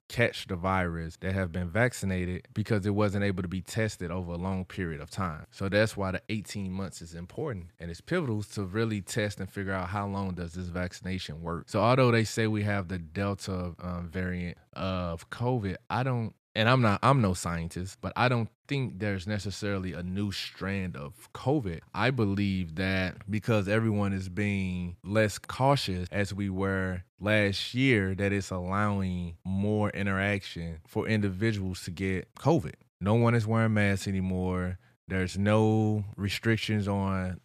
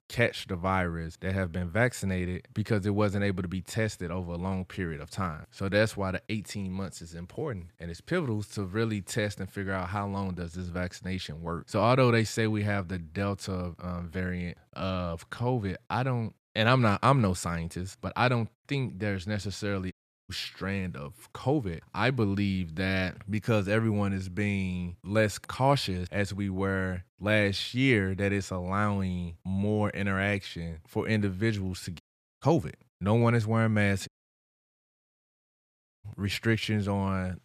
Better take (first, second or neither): first